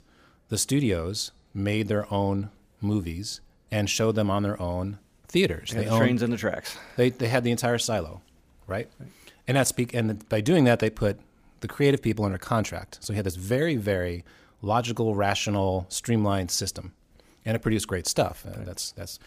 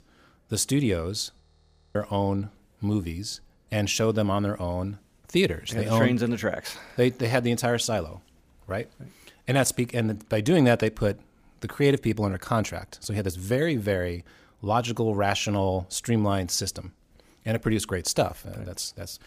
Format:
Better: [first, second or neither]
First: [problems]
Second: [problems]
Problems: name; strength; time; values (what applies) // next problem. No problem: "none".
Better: first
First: none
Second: audio freezing; at 1.5 s for 0.5 s